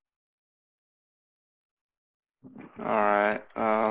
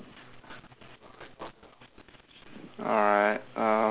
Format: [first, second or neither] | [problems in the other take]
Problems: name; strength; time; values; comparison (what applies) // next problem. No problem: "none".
second | noise reduction (neural mask model Resemble Enhance denoiser)